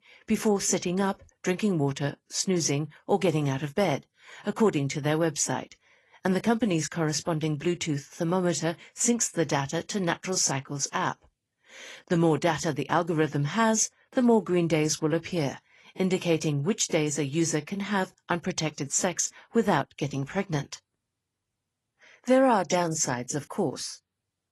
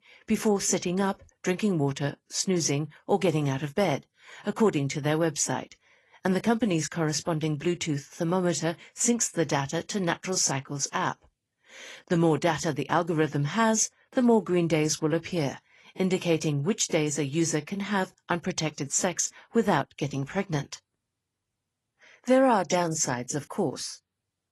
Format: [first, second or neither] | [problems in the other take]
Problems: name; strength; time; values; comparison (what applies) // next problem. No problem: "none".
neither | garbled, watery; slightly; nothing above 11.5 kHz; the same in both